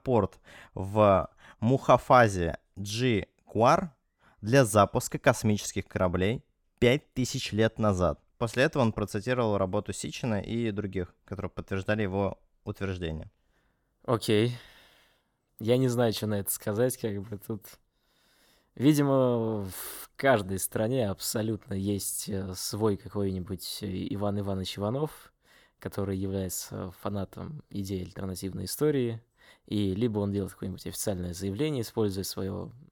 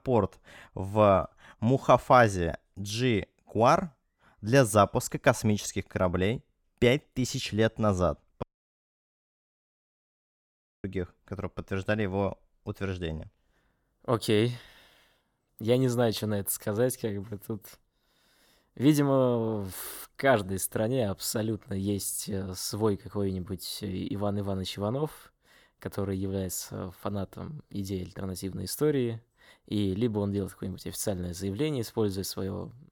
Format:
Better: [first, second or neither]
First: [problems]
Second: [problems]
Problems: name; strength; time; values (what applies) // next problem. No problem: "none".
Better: first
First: none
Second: audio cutting out; at 8.5 s for 2.5 s